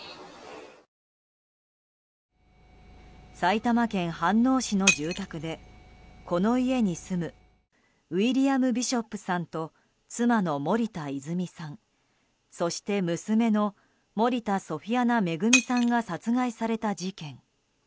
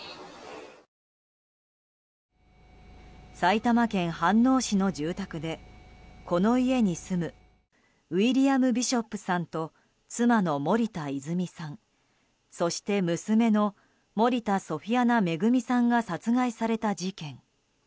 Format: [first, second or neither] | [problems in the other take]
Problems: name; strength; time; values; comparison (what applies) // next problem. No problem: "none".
second | background sound (Shatter); 6 dB below the speech